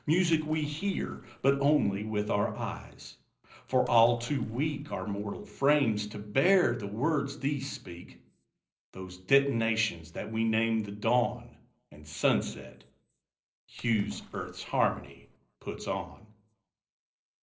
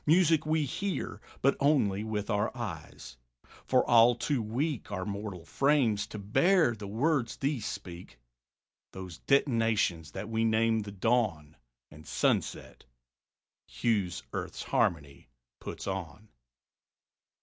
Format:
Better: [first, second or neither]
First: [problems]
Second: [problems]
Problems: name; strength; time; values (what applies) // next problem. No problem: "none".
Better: second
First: noise reduction (neural separator model SepFormer DNS4)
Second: none